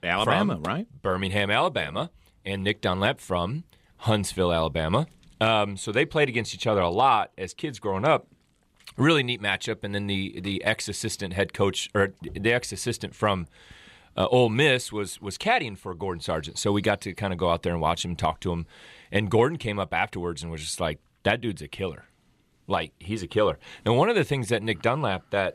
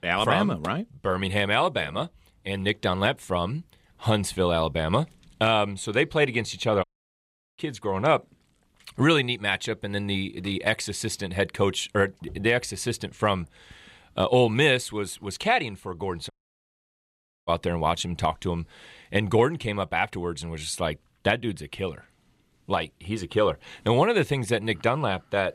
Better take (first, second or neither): first